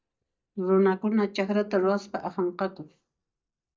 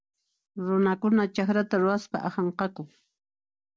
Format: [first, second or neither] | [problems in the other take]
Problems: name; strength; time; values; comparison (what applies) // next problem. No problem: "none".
second | noise reduction (neural mask model DeepFilterNet 3)